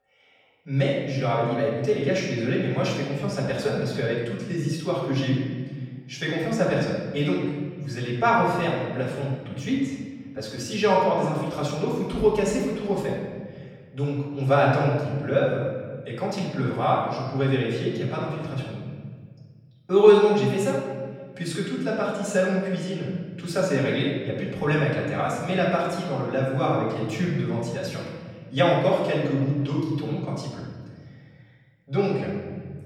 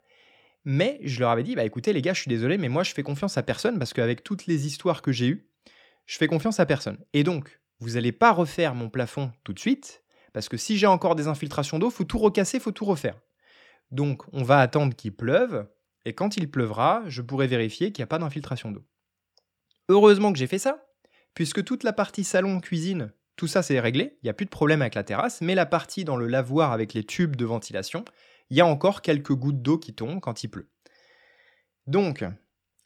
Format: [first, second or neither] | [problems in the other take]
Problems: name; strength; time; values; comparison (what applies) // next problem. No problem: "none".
second | room echo; noticeable; dies away in 1.6 s // off-mic speech; far